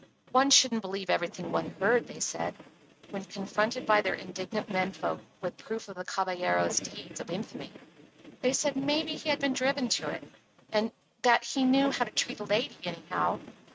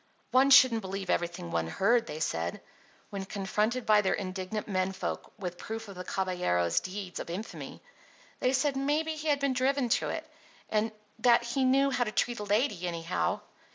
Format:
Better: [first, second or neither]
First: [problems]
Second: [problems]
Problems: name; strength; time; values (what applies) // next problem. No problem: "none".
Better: second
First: noise reduction (neural mask model RNNoise)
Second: none